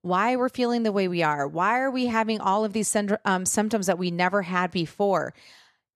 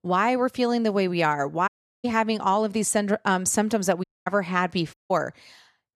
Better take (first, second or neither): first